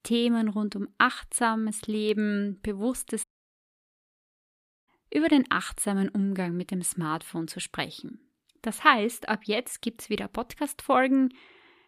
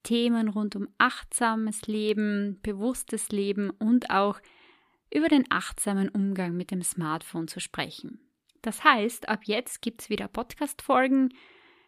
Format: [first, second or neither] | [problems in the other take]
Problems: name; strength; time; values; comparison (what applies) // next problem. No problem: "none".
second | audio cutting out; at 3 s for 1.5 s